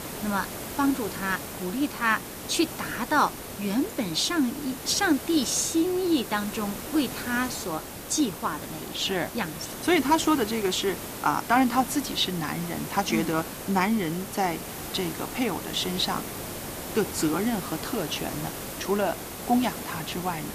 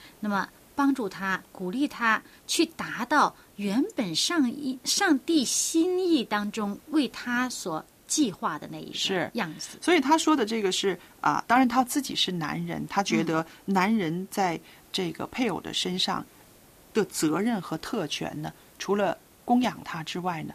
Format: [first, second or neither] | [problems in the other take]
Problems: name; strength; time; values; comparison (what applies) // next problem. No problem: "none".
second | hiss; loud; throughout; 9 dB below the speech; faint in the second